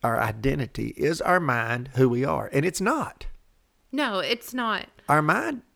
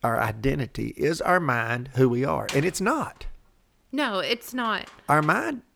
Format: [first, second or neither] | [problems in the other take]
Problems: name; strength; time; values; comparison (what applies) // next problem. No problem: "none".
first | door banging; noticeable; from 2.5 s on; peak 10 dB below the speech